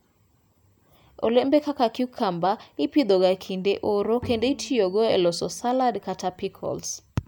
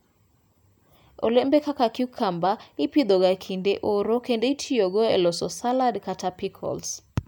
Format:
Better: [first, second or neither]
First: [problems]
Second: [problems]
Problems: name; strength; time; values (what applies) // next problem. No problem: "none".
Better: second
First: background sound (Bowed string instrument); 19 dB below the speech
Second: none